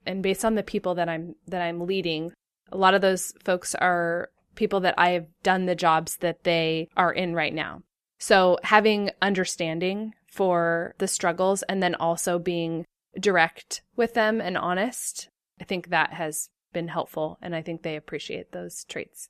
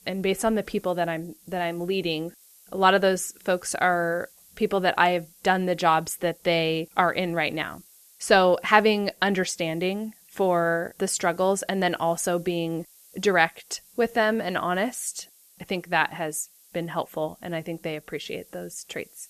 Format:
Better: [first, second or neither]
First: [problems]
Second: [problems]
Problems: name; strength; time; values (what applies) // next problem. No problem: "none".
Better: first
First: none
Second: hiss; faint; throughout; 25 dB below the speech